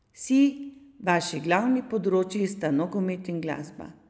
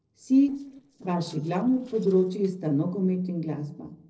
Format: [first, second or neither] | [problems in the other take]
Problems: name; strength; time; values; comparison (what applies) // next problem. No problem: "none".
first | noise reduction (neural separator model SepFormer DNS4)